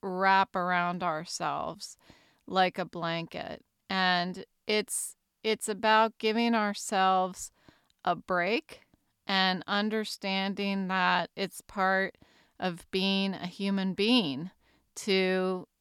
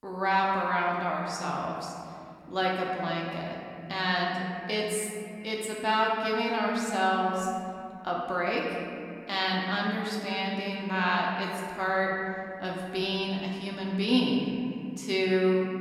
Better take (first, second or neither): first